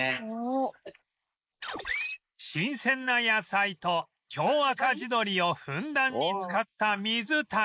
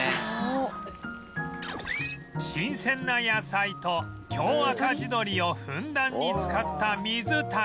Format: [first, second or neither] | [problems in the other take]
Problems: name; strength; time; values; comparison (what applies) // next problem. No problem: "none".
second | noise reduction (neural mask model Resemble Enhance denoiser)